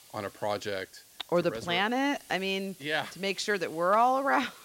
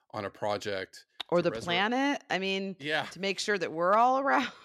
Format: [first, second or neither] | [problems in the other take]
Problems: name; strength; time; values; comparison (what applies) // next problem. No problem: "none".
second | hiss; faint; throughout; 25 dB below the speech